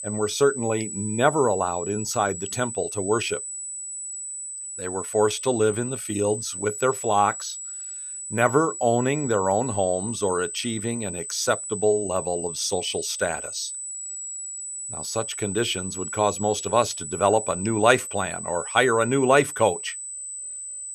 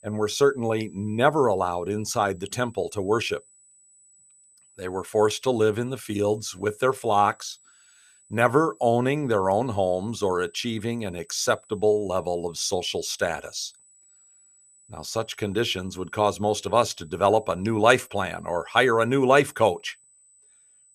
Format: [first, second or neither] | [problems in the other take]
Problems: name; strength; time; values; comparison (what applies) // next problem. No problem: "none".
second | high-pitched whine; loud; throughout; 8 kHz, 7 dB below the speech; faint in the second